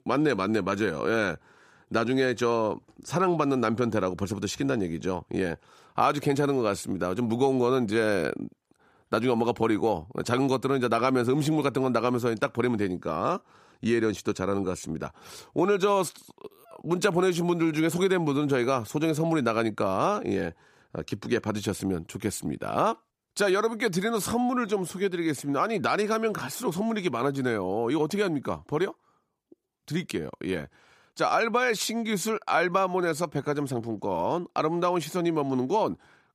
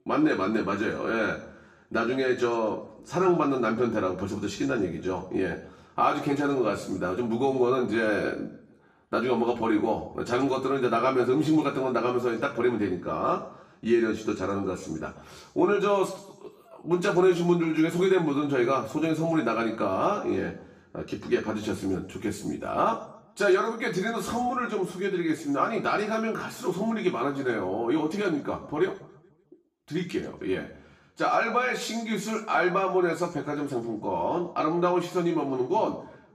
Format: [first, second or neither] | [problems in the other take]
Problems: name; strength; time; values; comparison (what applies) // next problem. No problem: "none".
first | room echo; slight; dies away in 0.7 s // off-mic speech; far